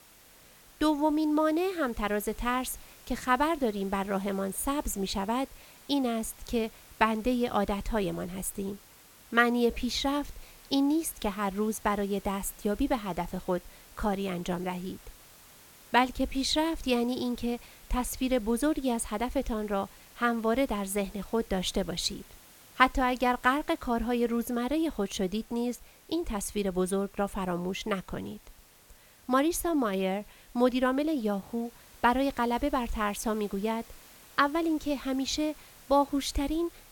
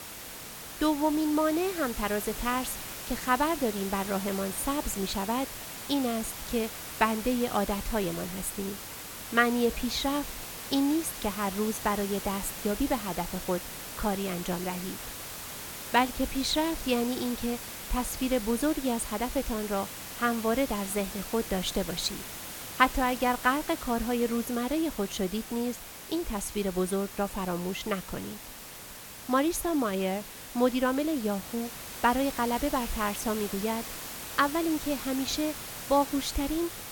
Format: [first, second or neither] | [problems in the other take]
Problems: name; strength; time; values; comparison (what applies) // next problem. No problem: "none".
first | hiss; loud; throughout; 8 dB below the speech; faint in the first